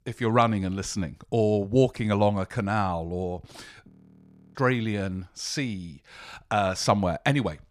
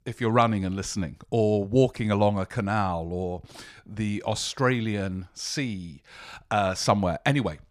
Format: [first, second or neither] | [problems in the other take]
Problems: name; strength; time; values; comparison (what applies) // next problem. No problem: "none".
second | audio freezing; at 4 s for 0.5 s